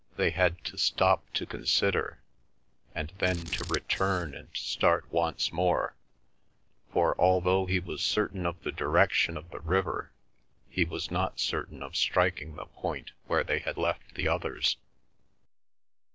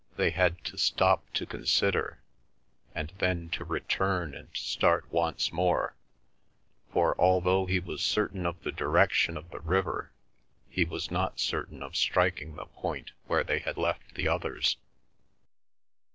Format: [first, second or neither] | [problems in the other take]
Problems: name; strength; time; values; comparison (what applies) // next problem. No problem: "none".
second | background sound (Scissors); 11 dB below the speech